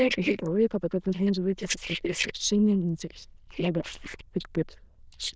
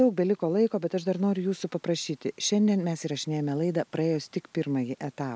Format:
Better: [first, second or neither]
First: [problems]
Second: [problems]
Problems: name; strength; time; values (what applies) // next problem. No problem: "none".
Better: second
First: noise reduction (neural diffusion model UNIVERSE++)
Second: none